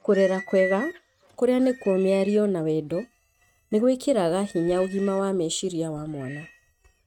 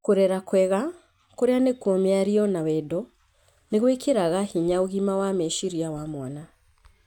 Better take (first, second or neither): second